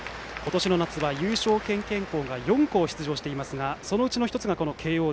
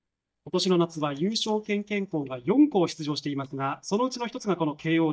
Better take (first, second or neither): first